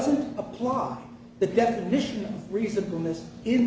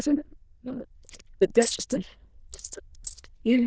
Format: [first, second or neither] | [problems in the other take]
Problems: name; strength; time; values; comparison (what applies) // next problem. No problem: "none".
first | noise reduction (neural diffusion model UNIVERSE++)